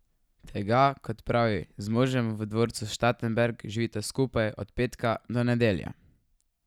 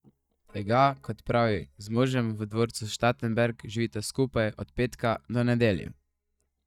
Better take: first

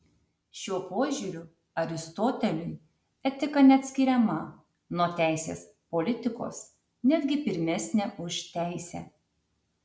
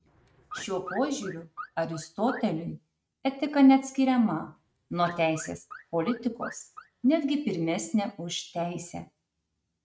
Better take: first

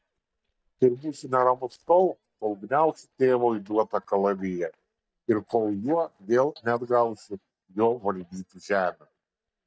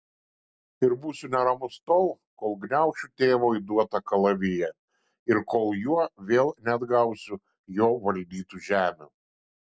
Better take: second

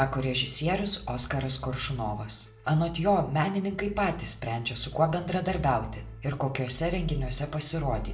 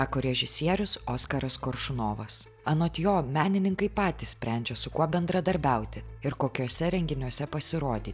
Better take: second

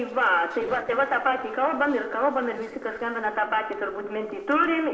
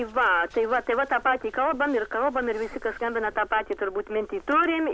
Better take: second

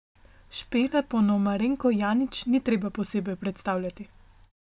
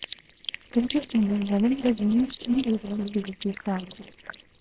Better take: first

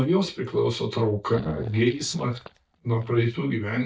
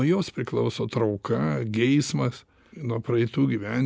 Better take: second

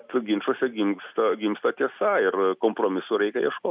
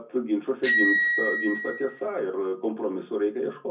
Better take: first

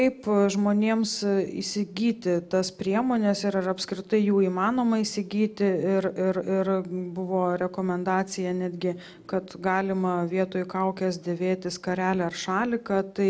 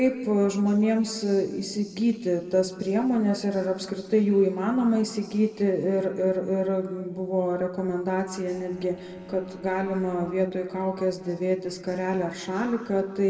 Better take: first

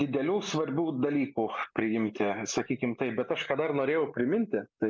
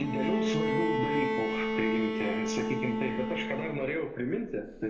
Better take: first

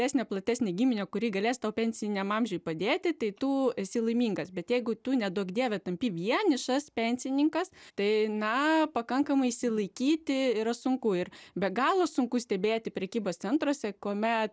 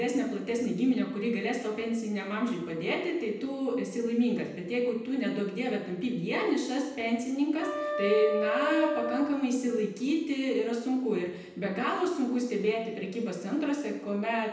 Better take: first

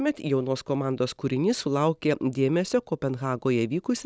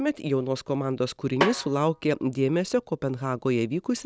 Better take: first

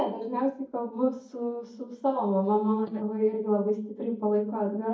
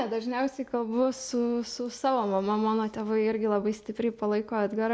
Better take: second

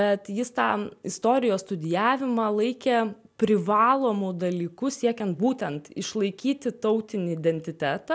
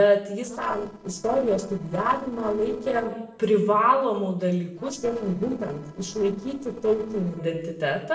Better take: first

